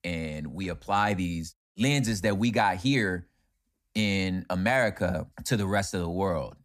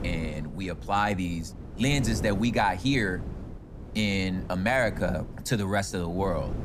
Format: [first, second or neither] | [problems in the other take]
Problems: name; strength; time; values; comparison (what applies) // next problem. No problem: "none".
first | wind noise on the microphone; occasional gusts; 15 dB below the speech